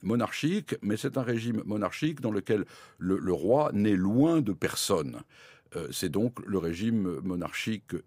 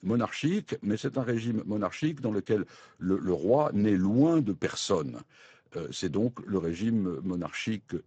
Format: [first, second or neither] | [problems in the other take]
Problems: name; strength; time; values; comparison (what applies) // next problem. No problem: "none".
first | garbled, watery; badly; nothing above 7.5 kHz